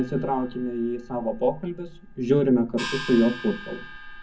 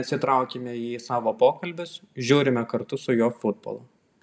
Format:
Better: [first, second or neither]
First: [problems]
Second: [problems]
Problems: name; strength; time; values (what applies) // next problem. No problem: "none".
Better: second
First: background sound (Gong); 13 dB below the speech // room echo; dies away in 0.3 s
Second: none